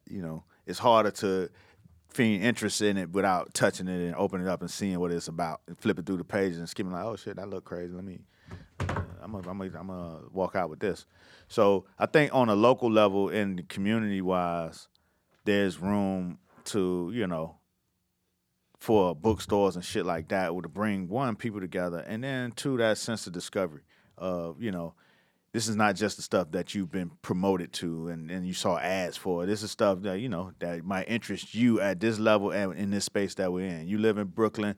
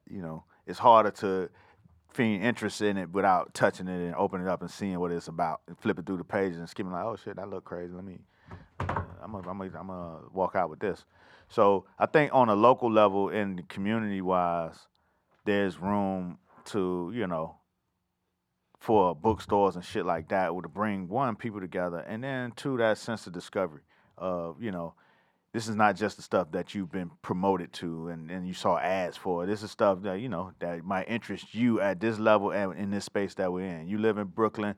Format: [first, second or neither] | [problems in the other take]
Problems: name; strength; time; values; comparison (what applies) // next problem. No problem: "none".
first | muffled; slightly; fading above 4 kHz